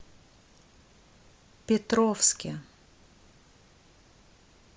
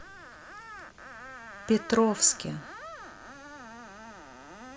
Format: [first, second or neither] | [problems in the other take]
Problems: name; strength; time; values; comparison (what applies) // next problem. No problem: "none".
first | background sound (Screech); 13 dB below the speech